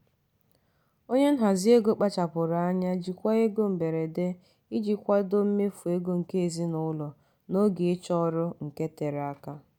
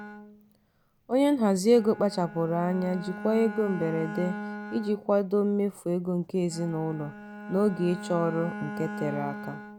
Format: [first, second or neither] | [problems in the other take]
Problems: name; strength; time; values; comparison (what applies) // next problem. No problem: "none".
first | background sound (Bowed string instrument); 12 dB below the speech